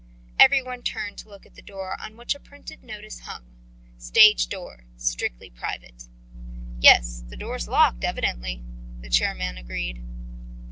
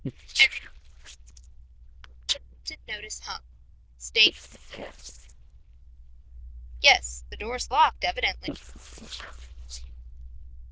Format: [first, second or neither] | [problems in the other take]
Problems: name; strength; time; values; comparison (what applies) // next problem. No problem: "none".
first | noise reduction (neural diffusion model UNIVERSE++)